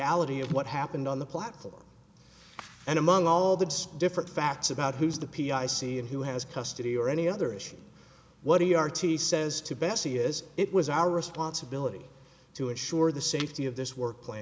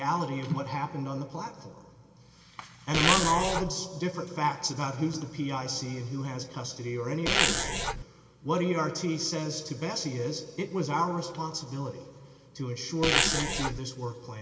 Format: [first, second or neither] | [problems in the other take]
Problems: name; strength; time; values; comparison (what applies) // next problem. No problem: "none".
first | background sound (Zipper (clothing)); 5 dB above the speech // room echo; dies away in 2.2 s